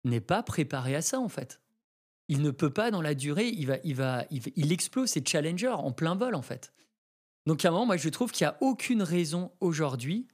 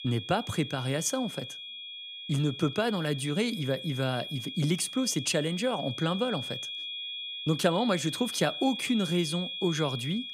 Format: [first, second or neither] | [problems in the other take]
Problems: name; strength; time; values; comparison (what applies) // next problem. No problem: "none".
first | high-pitched whine; loud; throughout; 3.5 kHz, 7 dB below the speech